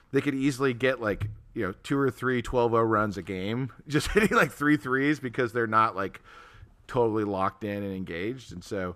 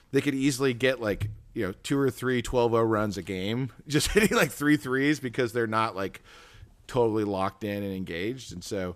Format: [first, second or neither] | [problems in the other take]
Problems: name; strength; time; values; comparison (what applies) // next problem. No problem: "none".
second | muffled; slightly; fading above 3 kHz